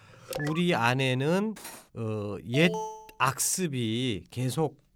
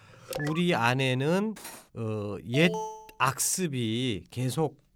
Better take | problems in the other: neither | phone ringing; noticeable; at 0.5 s; peak 8 dB below the speech; the same in both // clattering dishes; faint; at 1.5 s; peak 15 dB below the speech; the same in both // alarm; noticeable; at 2.5 s; peak 7 dB below the speech; the same in both

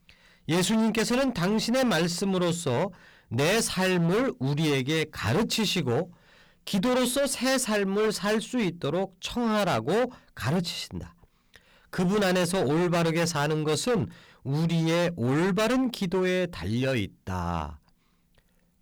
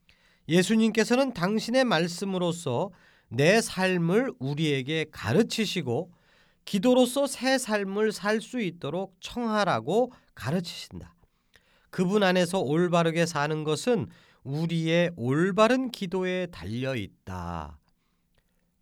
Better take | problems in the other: second | distortion; heavy; 19% of the sound clipped

